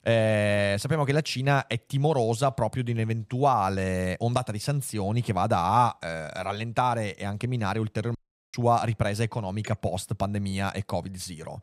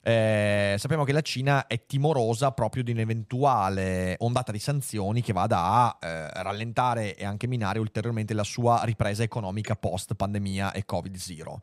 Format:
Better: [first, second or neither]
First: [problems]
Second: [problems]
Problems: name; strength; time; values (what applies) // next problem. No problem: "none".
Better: second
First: audio cutting out; at 8 s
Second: none